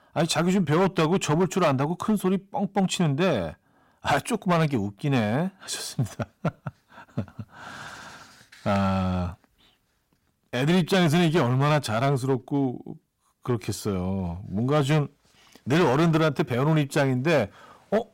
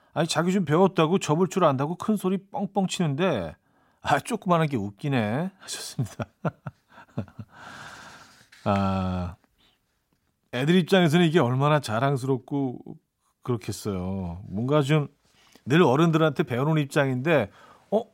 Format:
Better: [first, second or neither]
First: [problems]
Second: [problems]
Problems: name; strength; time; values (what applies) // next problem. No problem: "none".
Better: second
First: distortion; slight; 7% of the sound clipped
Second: none